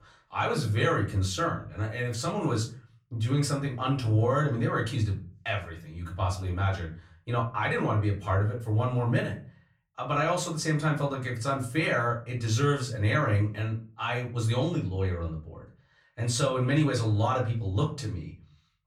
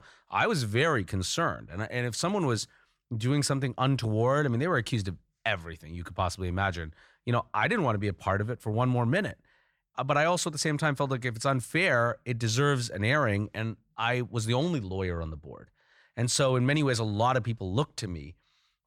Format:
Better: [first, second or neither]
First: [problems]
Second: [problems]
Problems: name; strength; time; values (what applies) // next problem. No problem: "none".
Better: second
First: off-mic speech; far // room echo; very slight; dies away in 0.3 s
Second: none